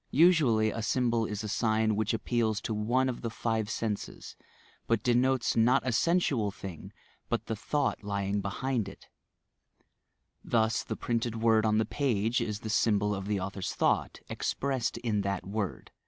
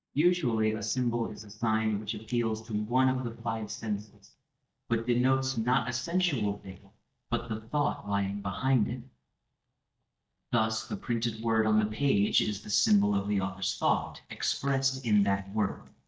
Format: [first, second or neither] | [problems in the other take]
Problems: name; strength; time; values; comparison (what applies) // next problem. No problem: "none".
first | noise reduction (neural mask model DeepFilterNet 3)